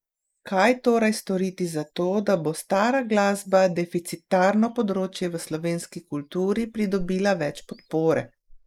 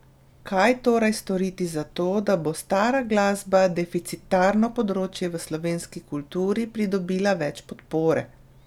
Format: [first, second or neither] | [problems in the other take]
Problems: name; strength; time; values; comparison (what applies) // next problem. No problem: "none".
second | noise reduction (neural mask model Resemble Enhance denoiser)